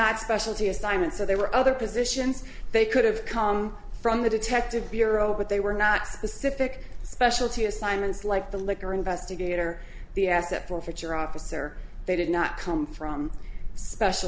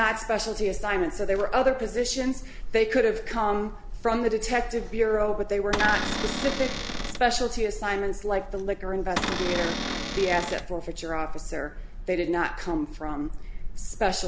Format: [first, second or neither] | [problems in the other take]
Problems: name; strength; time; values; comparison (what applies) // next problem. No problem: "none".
first | background sound (Cupboard open or close / Door); 4 dB below the speech